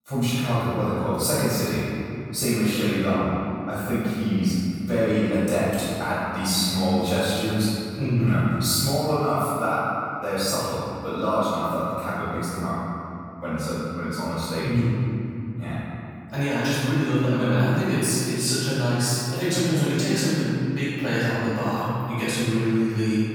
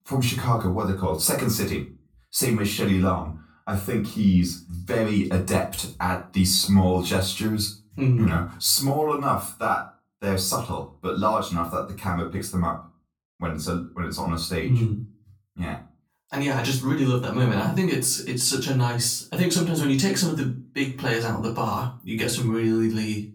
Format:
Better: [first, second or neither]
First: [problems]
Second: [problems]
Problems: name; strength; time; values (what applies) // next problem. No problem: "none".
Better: second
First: room echo; strong; dies away in 2.7 s // off-mic speech; far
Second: room echo; slight; dies away in 0.3 s // off-mic speech; far